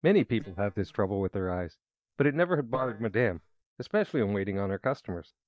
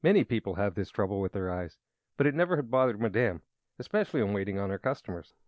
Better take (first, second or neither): second